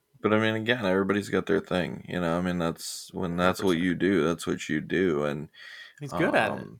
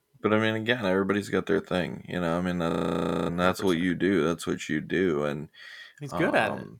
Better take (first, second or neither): first